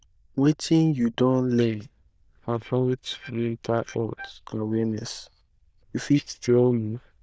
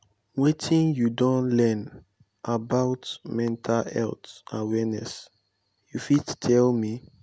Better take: second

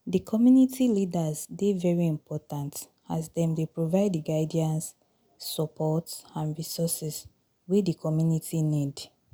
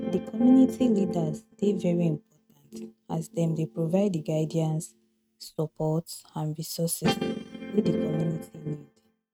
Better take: first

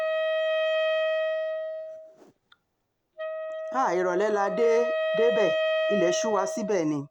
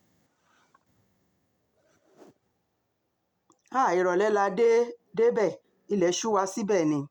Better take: second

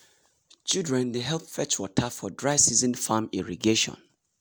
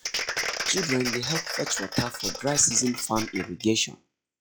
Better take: first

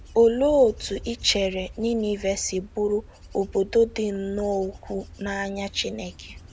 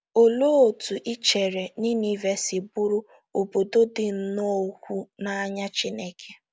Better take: second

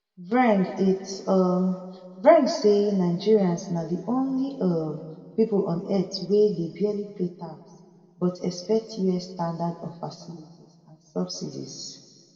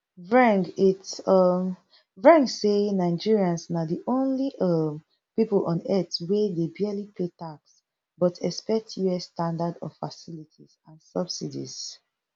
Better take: second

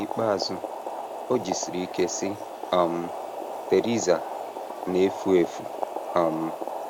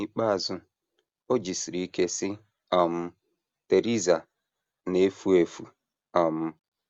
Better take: second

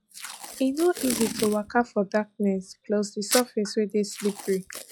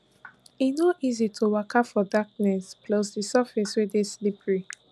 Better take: second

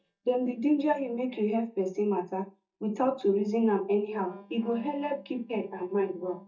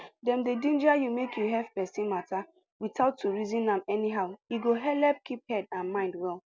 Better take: second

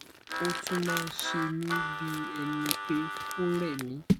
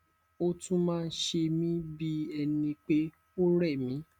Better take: second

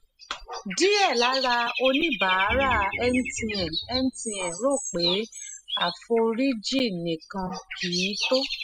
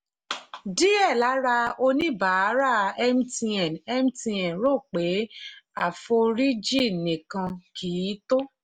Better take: second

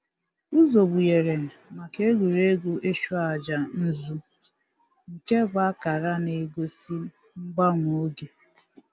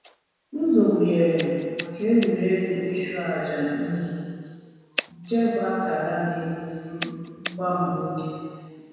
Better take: first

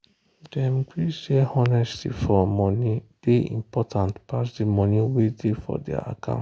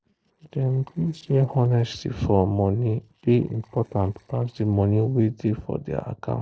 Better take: first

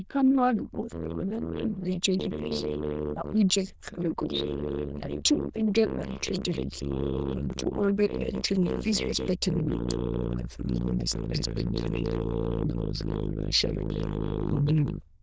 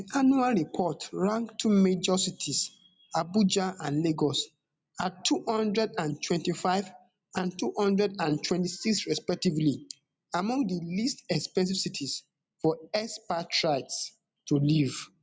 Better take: second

